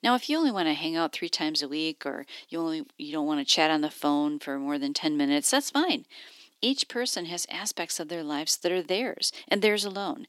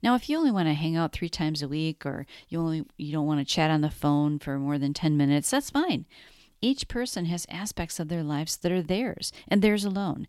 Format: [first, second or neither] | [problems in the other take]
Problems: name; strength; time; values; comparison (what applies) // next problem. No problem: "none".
second | thin; very slightly; fading below 300 Hz